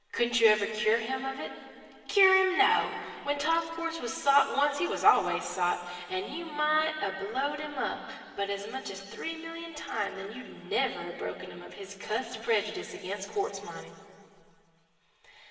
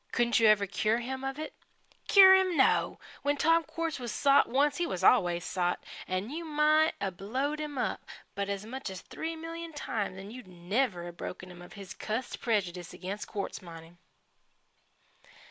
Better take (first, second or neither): second